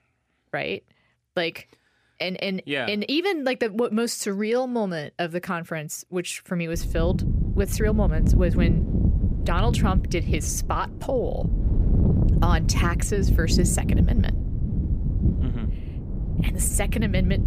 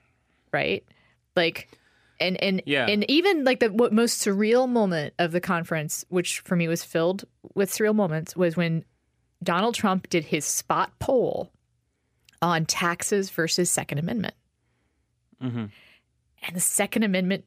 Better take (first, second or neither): second